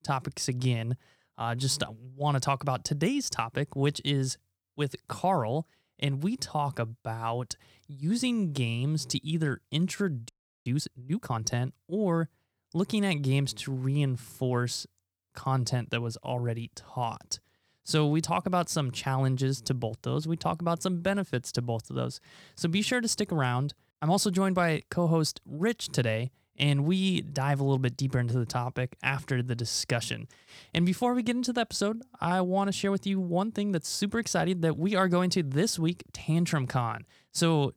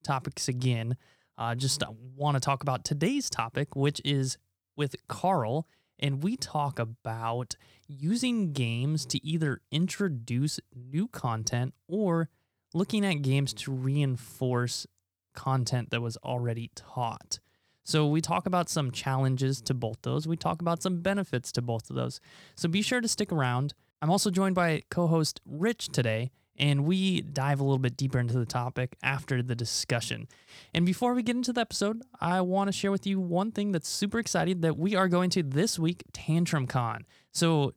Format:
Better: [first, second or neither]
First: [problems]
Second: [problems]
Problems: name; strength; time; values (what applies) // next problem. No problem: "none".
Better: second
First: audio freezing; at 10 s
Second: none